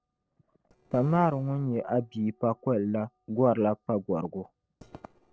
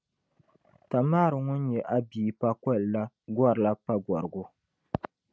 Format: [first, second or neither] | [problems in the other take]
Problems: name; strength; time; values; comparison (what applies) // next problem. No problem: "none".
second | noise reduction (neural separator model SepFormer DNS4)